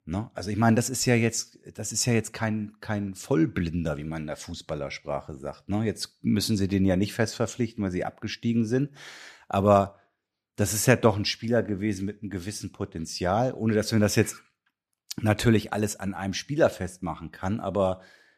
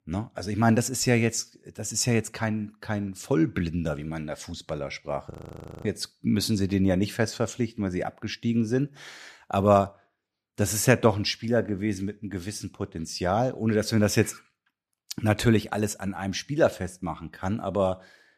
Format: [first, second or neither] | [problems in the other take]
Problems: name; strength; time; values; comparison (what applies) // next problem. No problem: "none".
first | audio freezing; at 5.5 s for 0.5 s